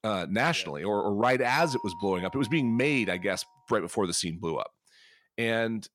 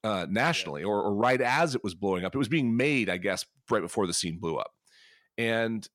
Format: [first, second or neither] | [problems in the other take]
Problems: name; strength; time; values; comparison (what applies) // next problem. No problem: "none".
second | doorbell; noticeable; from 1.5 to 3 s; peak 9 dB below the speech